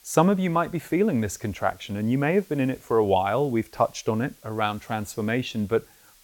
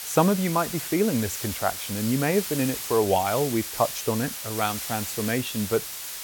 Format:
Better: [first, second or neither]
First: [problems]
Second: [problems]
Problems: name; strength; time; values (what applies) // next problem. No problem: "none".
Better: first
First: hiss; faint; throughout; 25 dB below the speech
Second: hiss; loud; throughout; 5 dB below the speech